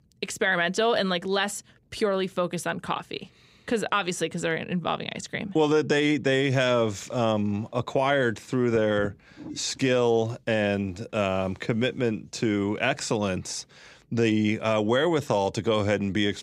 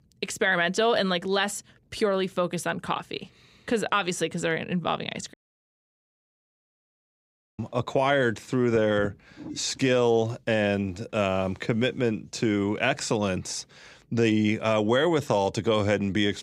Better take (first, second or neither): first